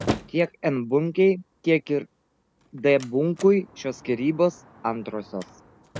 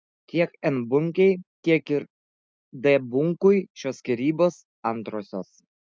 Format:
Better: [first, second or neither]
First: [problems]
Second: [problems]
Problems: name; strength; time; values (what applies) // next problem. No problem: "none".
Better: second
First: background sound (Slam); 14 dB below the speech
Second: none